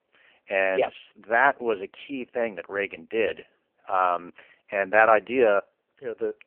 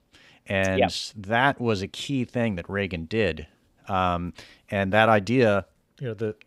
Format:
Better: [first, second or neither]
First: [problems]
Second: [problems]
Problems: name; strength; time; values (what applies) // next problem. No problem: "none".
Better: second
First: phone-call audio; poor line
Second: none